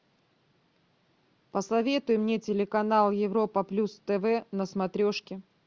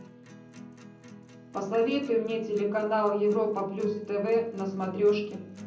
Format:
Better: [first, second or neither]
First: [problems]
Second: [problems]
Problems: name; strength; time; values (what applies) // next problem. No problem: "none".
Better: first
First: none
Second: background sound (Acoustic guitar); 18 dB below the speech // room echo; dies away in 0.6 s